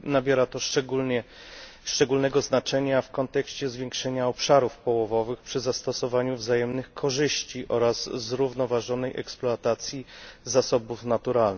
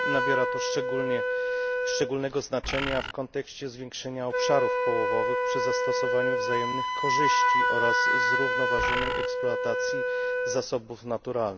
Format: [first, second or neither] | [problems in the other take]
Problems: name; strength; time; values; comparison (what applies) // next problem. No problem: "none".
first | background sound (Wind instrument, woodwind instrument + Bird); 4 dB above the speech